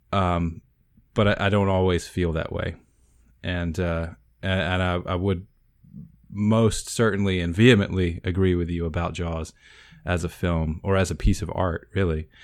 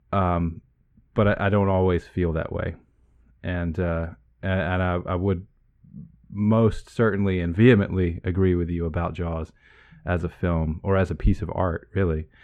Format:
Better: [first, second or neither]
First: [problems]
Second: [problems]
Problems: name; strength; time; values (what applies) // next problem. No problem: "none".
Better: first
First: none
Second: muffled; very; fading above 3.5 kHz